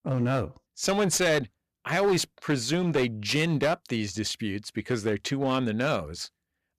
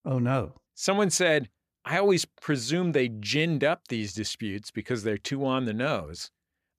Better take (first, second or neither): second